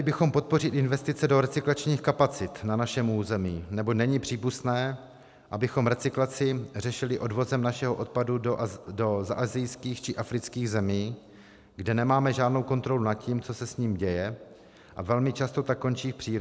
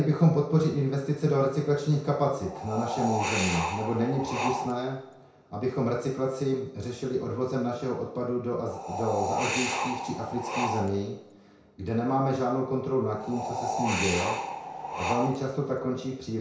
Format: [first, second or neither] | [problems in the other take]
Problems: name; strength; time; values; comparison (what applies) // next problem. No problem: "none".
first | background sound (Wind); 4 dB below the speech // room echo; dies away in 0.5 s